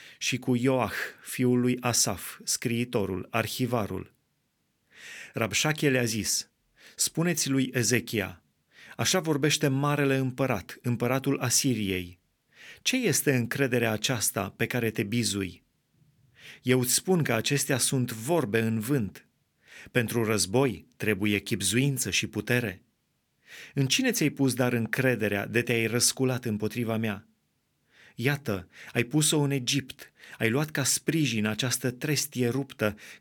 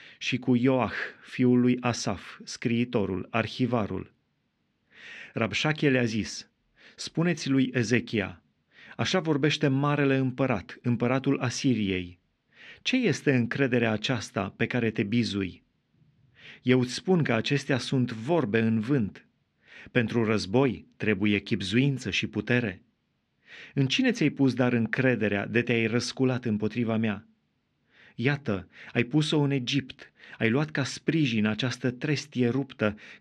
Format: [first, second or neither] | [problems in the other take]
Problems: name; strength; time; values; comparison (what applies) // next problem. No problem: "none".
first | muffled; slightly; fading above 4 kHz